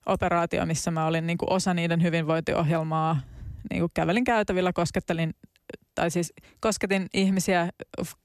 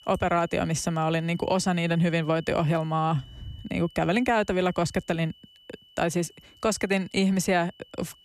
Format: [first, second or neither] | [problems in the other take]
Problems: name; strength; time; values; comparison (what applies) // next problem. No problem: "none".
first | high-pitched whine; faint; throughout; 3 kHz, 25 dB below the speech